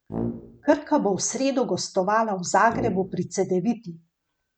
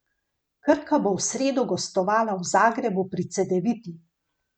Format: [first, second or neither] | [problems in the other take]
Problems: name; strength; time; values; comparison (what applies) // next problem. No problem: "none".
second | background sound (Brass instrument); 8 dB below the speech